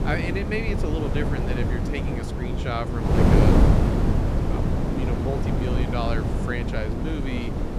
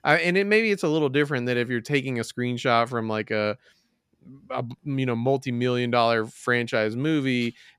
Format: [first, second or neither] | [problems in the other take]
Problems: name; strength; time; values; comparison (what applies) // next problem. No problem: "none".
second | wind noise on the microphone; heavy; 2 dB above the speech